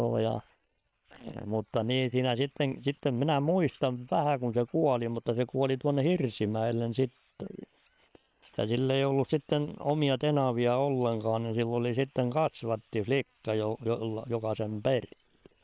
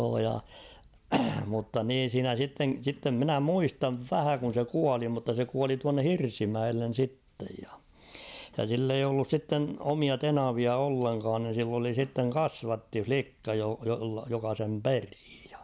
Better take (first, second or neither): second